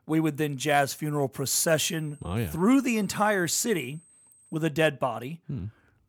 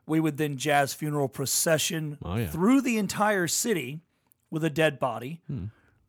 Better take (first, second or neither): second